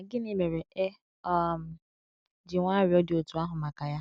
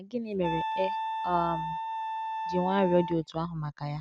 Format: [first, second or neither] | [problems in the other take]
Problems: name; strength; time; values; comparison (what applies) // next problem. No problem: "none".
first | background sound (Wind instrument, woodwind instrument); 4 dB below the speech